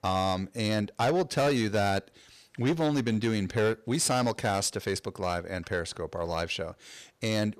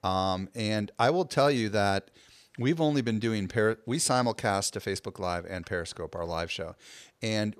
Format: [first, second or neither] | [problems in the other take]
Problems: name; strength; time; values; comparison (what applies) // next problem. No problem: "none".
second | distortion; slight; 7% of the sound clipped